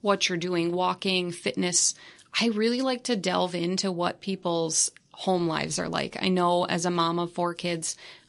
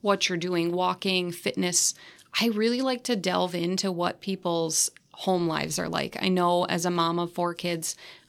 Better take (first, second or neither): second